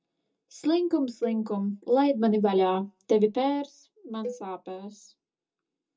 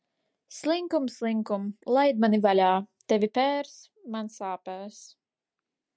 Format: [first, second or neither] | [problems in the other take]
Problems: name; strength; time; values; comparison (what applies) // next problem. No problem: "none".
second | background sound (Cowbell); 16 dB below the speech // room echo; dies away in 0.2 s